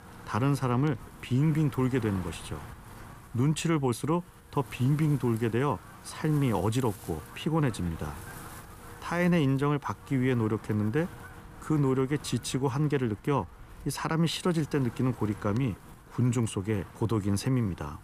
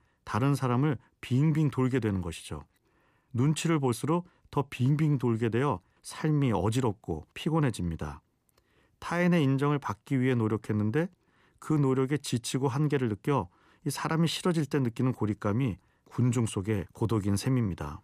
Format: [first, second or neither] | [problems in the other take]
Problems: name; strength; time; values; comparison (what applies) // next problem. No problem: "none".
second | wind noise on the microphone; occasional gusts; 15 dB below the speech